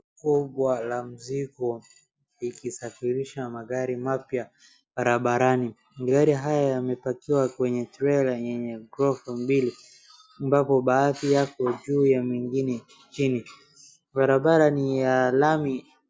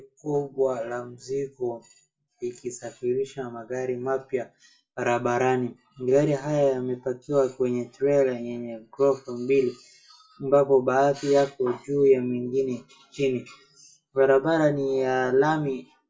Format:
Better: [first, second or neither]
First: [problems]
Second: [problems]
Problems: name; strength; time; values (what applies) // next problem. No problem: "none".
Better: first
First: none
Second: room echo; dies away in 0.2 s